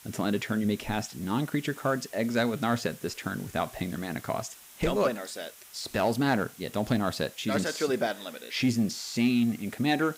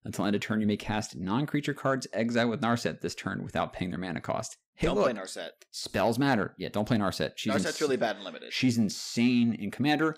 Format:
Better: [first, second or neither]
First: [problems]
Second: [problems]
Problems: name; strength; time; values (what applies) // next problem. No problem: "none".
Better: second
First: hiss; noticeable; throughout; 20 dB below the speech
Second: none